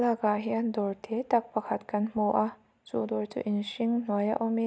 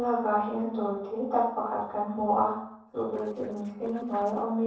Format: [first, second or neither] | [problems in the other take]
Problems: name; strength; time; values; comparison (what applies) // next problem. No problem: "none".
first | noise reduction (neural separator model SepFormer DNS4)